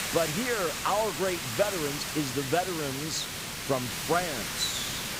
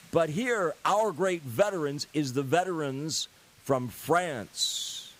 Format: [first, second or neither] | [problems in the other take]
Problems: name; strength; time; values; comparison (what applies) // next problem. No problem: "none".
second | hiss; loud; throughout; 2 dB below the speech; faint in the second